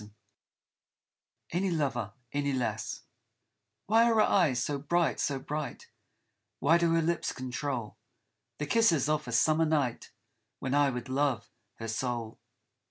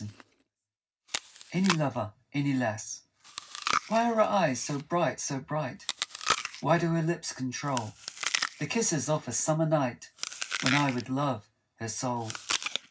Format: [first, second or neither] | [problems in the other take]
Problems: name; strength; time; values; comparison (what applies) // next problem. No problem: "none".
first | background sound (Chewing, mastication); 7 dB below the speech // room echo; dies away in 0.4 s